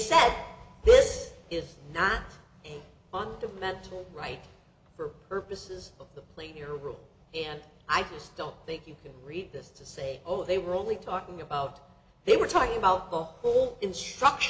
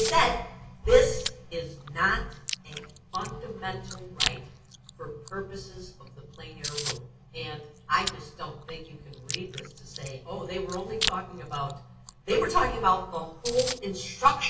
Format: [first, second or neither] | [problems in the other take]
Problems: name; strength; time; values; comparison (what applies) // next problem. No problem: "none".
first | background sound (Chewing, mastication); 10 dB below the speech // room echo; dies away in 0.3 s